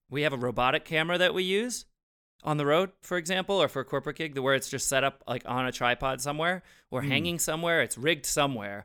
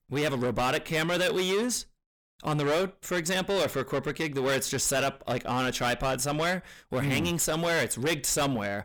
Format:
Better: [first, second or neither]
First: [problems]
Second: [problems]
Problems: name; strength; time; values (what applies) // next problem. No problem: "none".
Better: first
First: none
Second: distortion; heavy; 6 dB below the speech